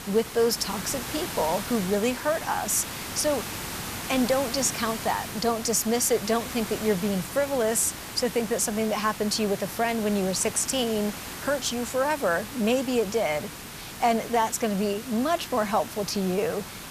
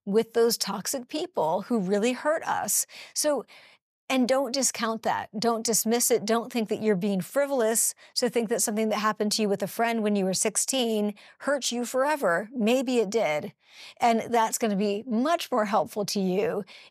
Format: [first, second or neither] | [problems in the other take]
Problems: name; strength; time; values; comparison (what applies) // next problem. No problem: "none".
second | hiss; loud; throughout; 9 dB below the speech